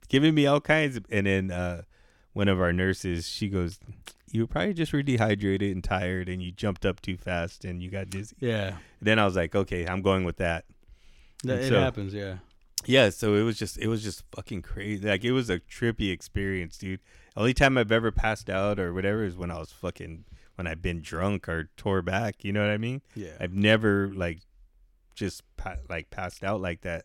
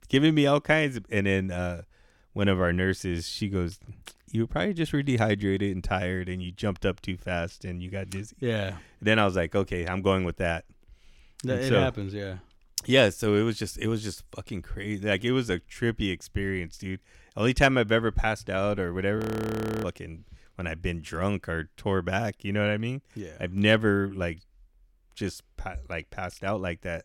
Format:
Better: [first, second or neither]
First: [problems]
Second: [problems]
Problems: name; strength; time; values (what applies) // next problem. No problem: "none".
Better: first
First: none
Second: audio freezing; at 19 s for 0.5 s